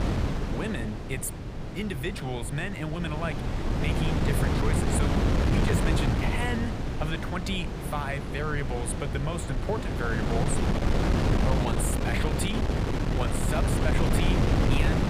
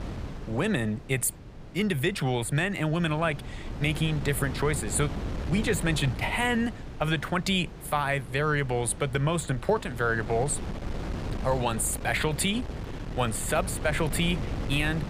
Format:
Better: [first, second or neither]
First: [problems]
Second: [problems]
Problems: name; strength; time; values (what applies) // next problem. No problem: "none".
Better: second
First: wind noise on the microphone; heavy; 1 dB above the speech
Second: wind noise on the microphone; occasional gusts; 15 dB below the speech